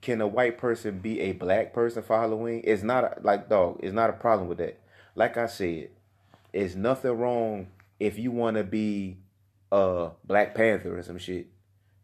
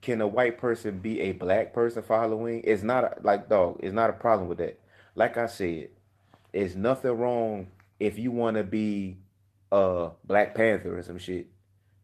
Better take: first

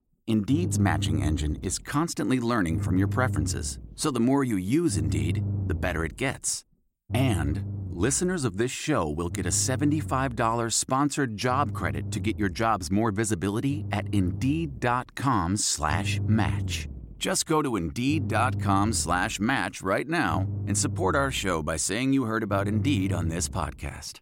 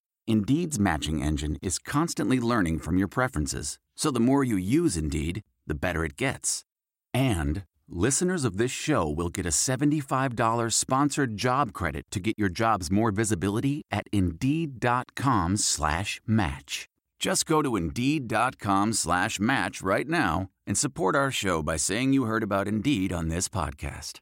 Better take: second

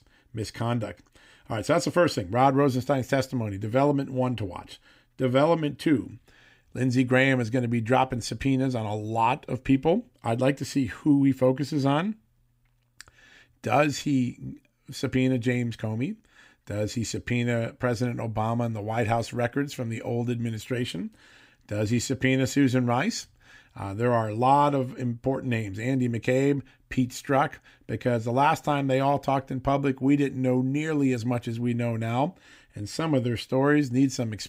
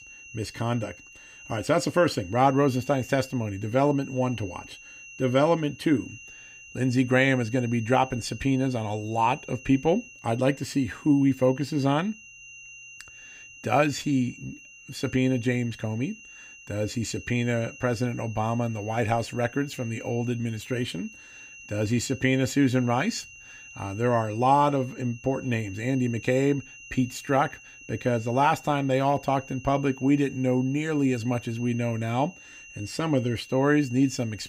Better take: first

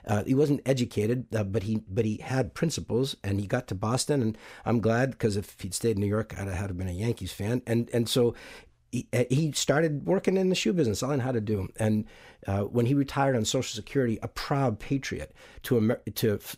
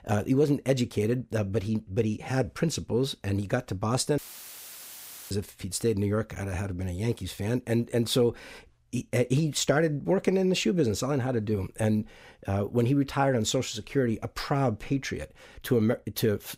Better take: first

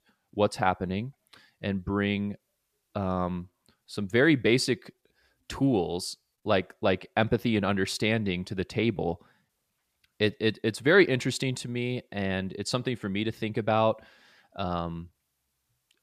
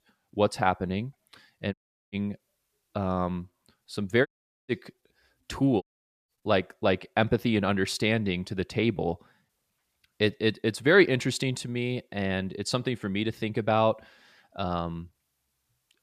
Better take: first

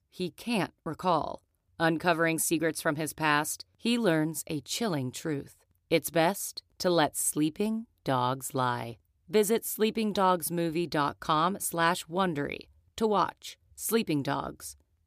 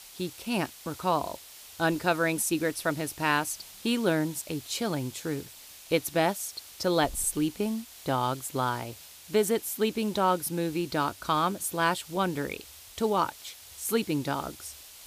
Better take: first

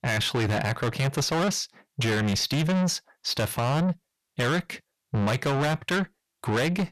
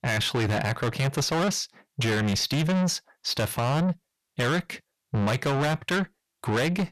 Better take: neither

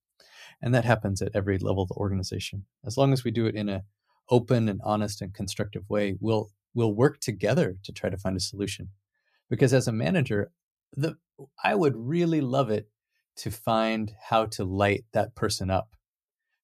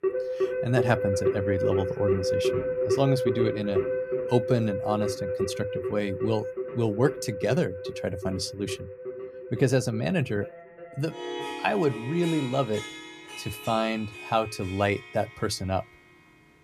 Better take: first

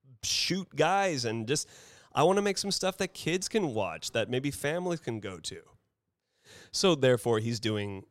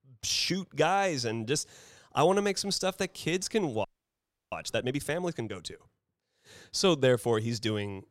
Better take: first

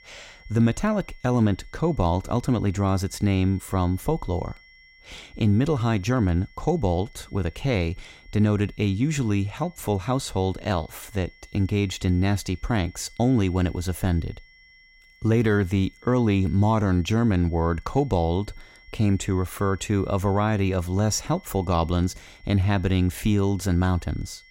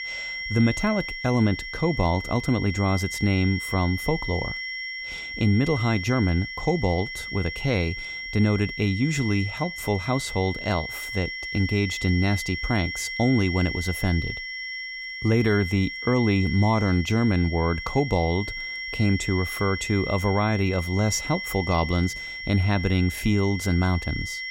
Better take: first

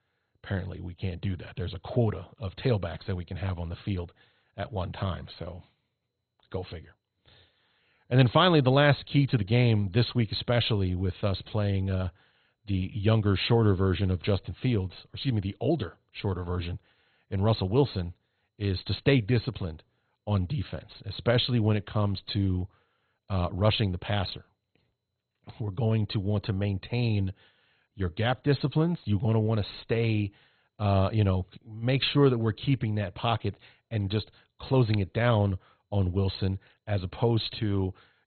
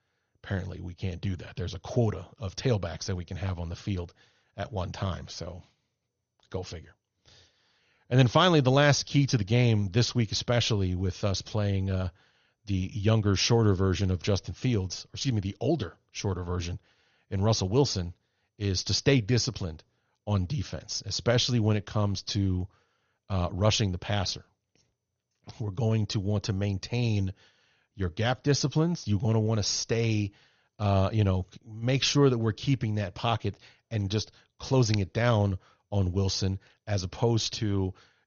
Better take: second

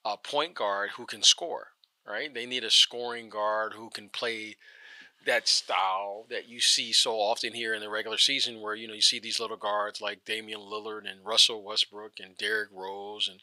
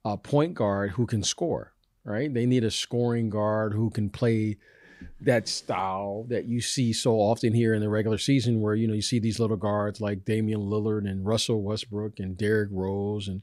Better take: second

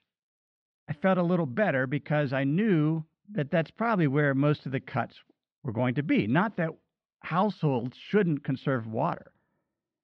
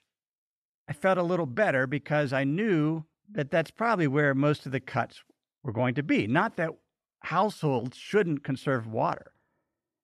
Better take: second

